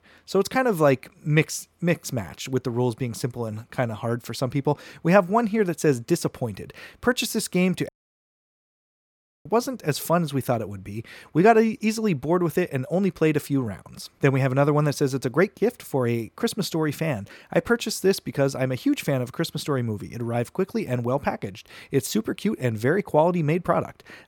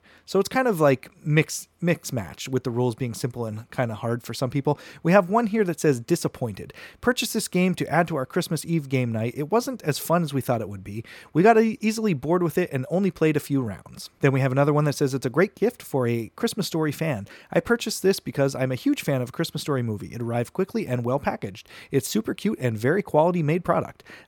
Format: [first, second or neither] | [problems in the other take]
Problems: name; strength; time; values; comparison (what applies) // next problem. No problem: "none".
second | audio cutting out; at 8 s for 1.5 s